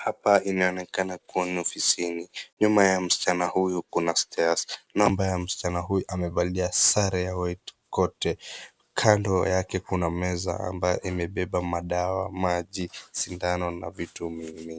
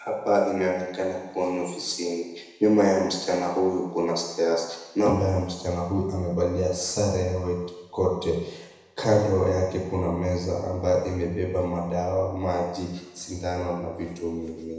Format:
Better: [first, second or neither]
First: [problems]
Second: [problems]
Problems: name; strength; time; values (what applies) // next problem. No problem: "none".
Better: first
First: none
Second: room echo; dies away in 1 s